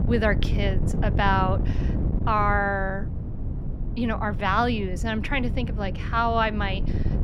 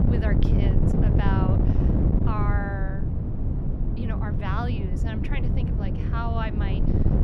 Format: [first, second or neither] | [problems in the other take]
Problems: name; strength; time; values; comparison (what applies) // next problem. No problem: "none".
first | wind noise on the microphone; heavy; as loud as the speech; occasional gusts in the first